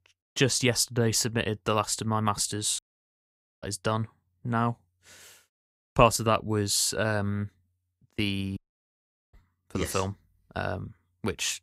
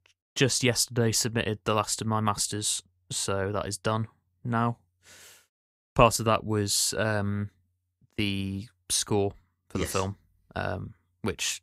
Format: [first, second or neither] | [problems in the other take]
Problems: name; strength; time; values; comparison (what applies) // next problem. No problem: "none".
second | audio cutting out; at 3 s for 1 s and at 8.5 s for 1 s